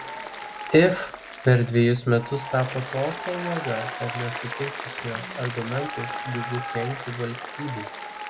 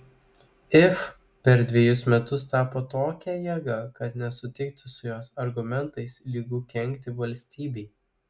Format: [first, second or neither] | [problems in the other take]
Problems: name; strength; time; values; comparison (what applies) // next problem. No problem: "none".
second | background sound (Applause); 8 dB below the speech